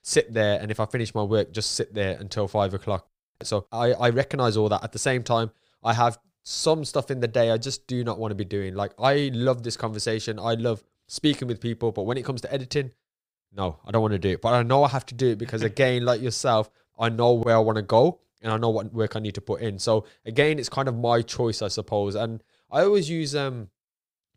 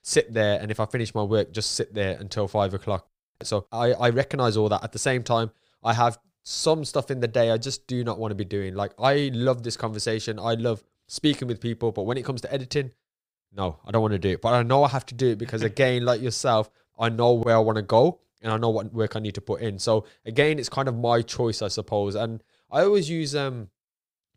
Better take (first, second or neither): neither